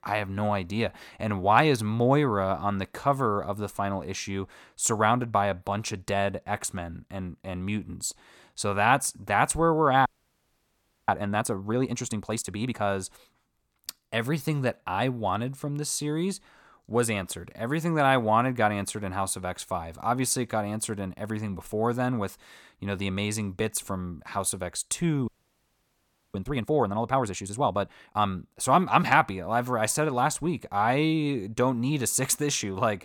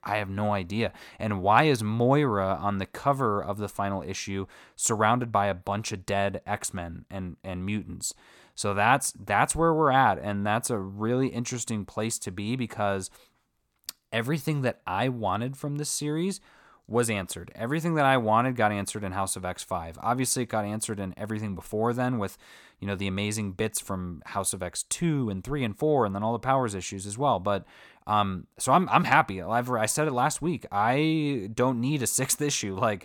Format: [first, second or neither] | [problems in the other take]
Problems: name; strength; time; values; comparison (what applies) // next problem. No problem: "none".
second | audio freezing; at 10 s for 1 s and at 25 s for 1 s